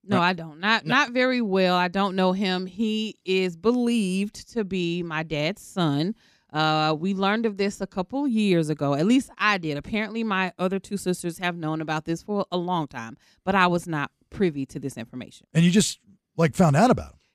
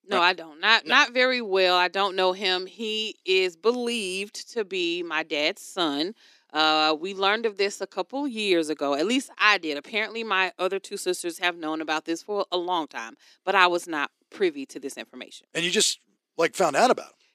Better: first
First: none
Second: thin; somewhat; fading below 350 Hz

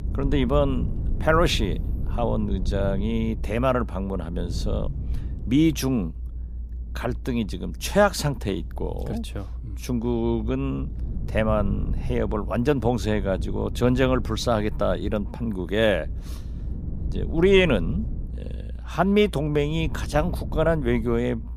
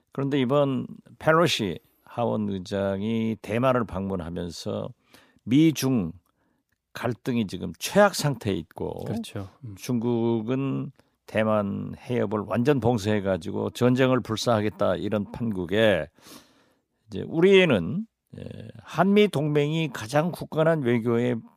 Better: second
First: low rumble; faint; throughout; 20 dB below the speech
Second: none

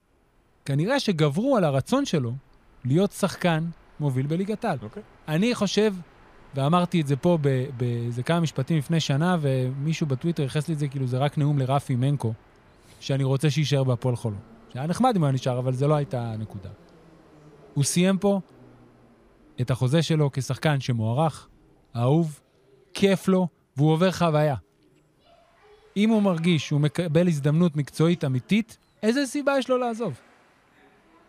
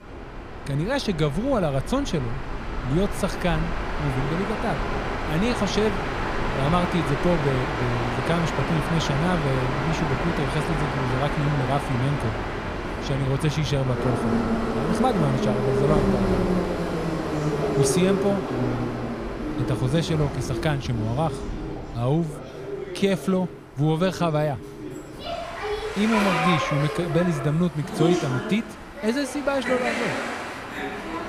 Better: first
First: train or aircraft noise; faint; throughout; 30 dB below the speech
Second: train or aircraft noise; loud; throughout; 2 dB below the speech

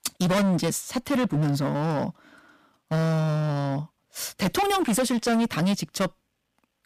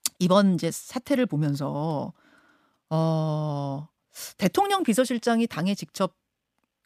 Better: second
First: distortion; heavy; 18% of the sound clipped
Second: none

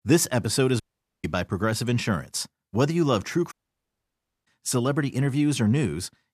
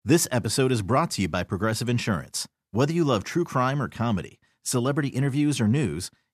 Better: second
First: audio cutting out; at 1 s and at 3.5 s for 1 s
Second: none

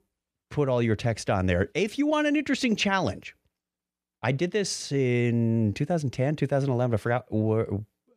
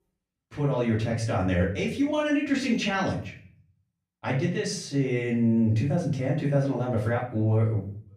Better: first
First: none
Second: room echo; slight; dies away in 0.4 s // off-mic speech; far

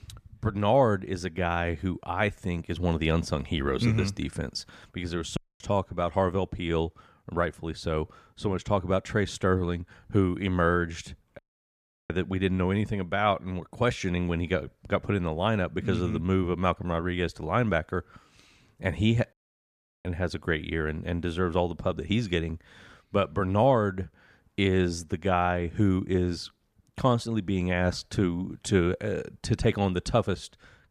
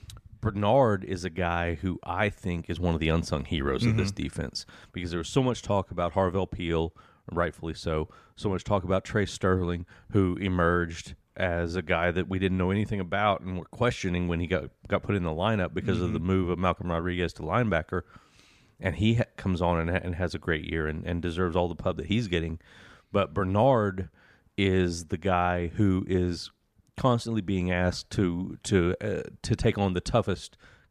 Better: second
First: audio cutting out; at 5.5 s, at 11 s for 0.5 s and at 19 s for 0.5 s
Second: none

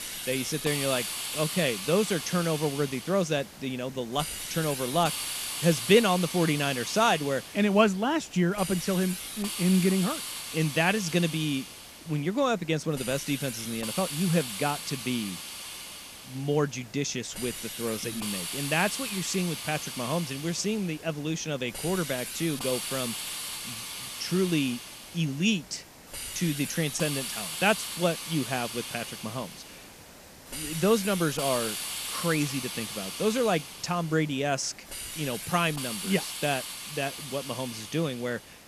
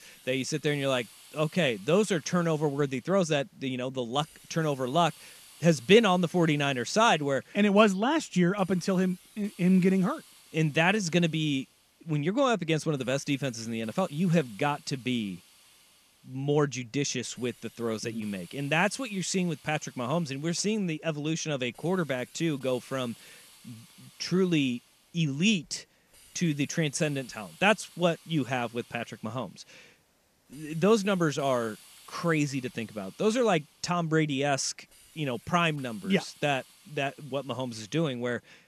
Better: second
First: hiss; loud; throughout; 6 dB below the speech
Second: hiss; faint; throughout; 25 dB below the speech

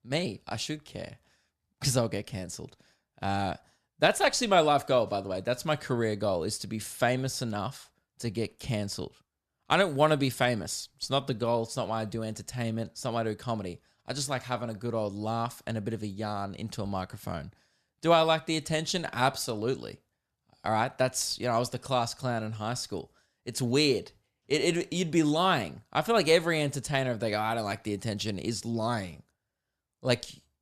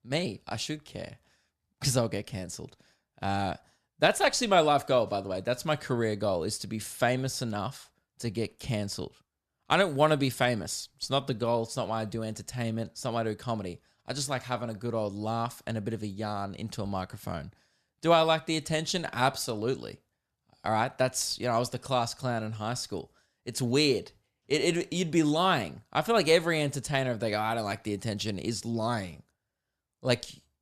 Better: neither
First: none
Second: none

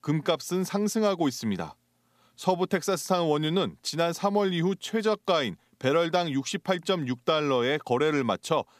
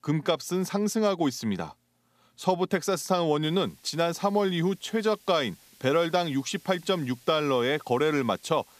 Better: first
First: none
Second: hiss; faint; from 3.5 s on; 25 dB below the speech

